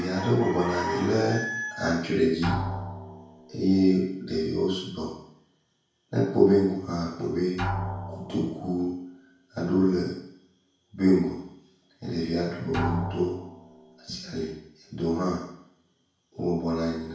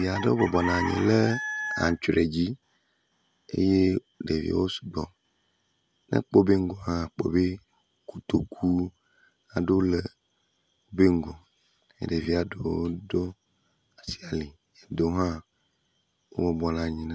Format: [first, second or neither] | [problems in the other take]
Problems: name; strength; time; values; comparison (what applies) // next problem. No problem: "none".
second | background sound (Drum); 12 dB below the speech // room echo; dies away in 0.7 s